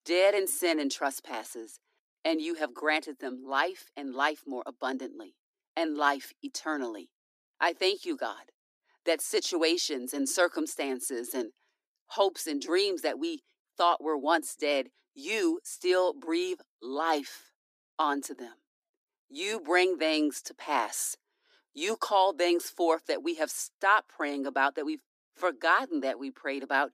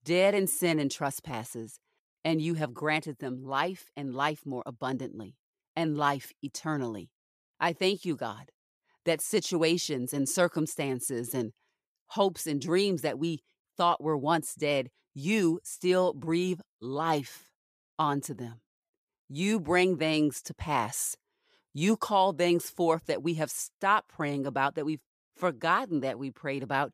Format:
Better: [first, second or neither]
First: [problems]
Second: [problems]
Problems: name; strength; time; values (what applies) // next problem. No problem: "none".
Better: second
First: thin; very slightly; fading below 250 Hz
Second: none